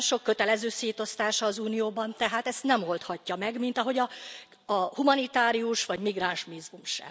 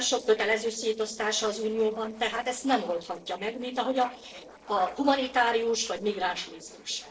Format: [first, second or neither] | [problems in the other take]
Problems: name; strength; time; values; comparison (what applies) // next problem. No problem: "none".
first | noise reduction (neural separator model SepFormer DNS4)